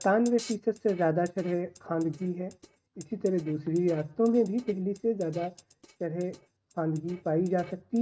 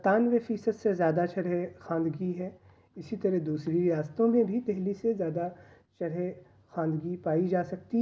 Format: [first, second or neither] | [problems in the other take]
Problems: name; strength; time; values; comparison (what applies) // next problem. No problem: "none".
second | noise reduction (neural mask model RNNoise)